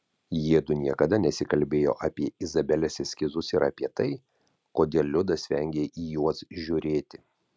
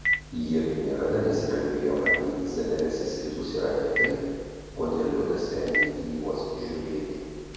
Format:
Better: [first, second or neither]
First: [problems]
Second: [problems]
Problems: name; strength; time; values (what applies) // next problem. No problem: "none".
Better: first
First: none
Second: background sound (Telephone); 5 dB below the speech // room echo; dies away in 1.9 s